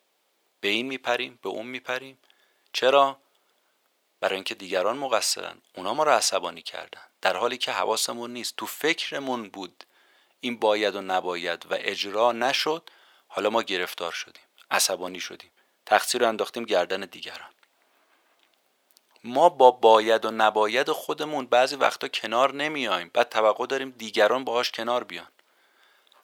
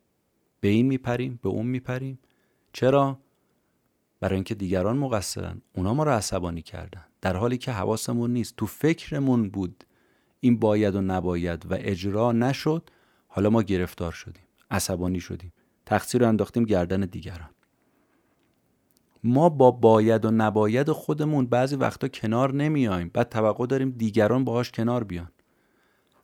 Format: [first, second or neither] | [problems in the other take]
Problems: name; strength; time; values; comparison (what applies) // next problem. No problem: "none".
second | thin; very; fading below 700 Hz